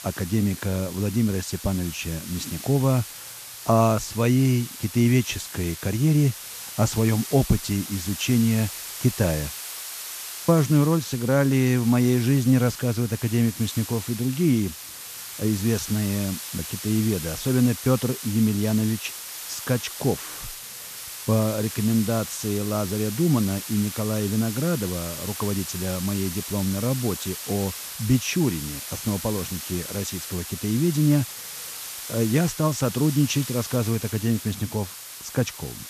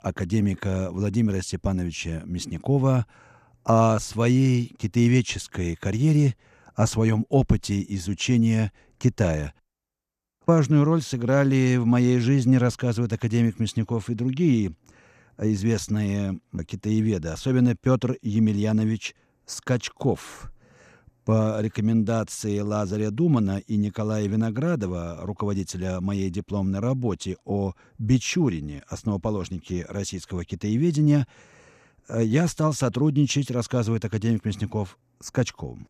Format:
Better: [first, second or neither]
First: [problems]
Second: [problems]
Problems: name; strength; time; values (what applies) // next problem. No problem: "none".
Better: second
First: hiss; loud; throughout; 9 dB below the speech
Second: none